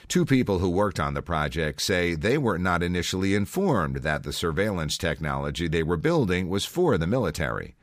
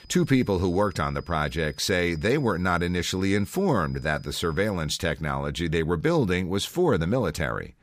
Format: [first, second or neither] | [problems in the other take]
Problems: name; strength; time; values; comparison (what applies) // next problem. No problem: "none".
first | high-pitched whine; faint; until 5 s; 5 kHz, 30 dB below the speech